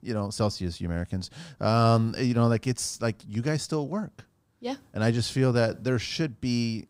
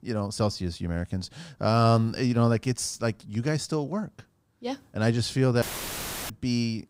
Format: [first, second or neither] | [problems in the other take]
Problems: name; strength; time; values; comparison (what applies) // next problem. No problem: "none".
first | audio cutting out; filled with static; at 5.5 s for 0.5 s